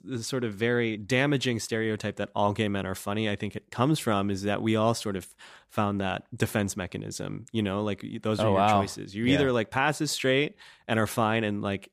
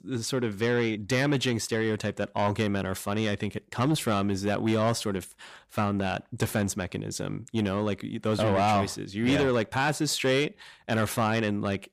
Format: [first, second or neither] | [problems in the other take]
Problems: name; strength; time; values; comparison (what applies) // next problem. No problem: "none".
first | distortion; slight; 10 dB below the speech